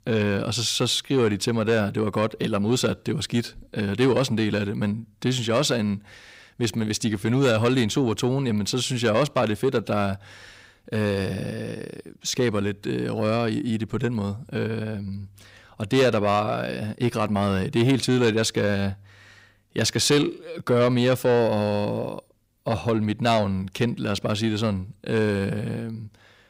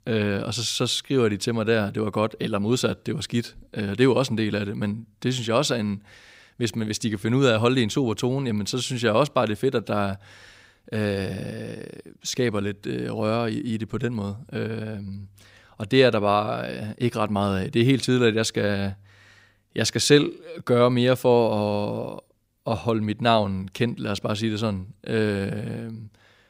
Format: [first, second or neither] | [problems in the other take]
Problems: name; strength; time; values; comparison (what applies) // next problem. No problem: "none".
second | distortion; slight; 10 dB below the speech